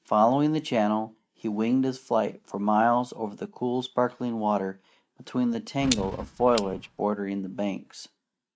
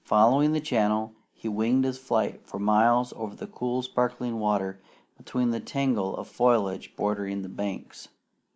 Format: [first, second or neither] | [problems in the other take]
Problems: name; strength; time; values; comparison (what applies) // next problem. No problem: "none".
second | noise reduction (neural mask model RNNoise)